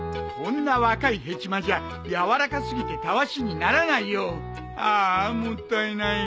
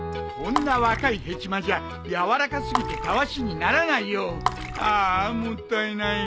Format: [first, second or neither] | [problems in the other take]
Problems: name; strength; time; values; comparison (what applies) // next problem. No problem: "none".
first | background sound (Water / Splash, splatter); 8 dB below the speech